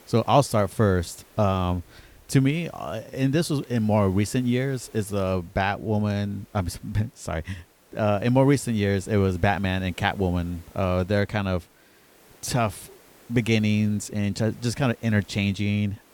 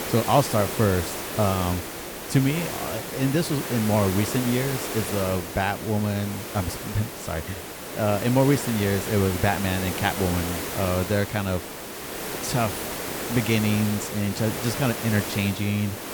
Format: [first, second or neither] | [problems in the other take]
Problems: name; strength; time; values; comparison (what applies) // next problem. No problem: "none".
first | hiss; loud; throughout; 5 dB below the speech; faint in the first